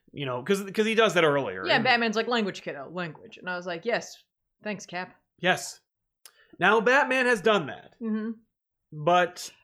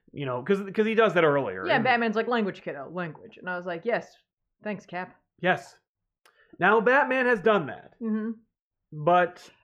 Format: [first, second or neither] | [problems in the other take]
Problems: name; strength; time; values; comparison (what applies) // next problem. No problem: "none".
first | muffled; slightly; fading above 3.5 kHz